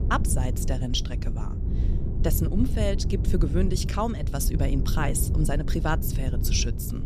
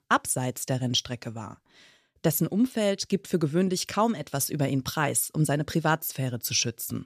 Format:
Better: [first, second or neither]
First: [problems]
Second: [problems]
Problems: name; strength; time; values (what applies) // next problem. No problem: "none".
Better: second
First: low rumble; loud; throughout; 10 dB below the speech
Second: none